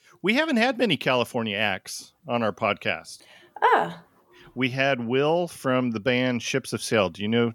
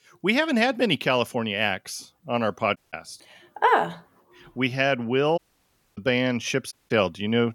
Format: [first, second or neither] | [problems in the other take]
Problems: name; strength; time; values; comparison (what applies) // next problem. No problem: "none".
first | audio cutting out; at 3 s, at 5.5 s for 0.5 s and at 6.5 s